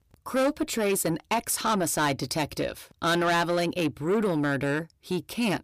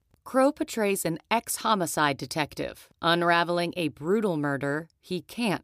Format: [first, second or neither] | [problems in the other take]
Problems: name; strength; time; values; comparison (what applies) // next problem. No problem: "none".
second | distortion; heavy; 8 dB below the speech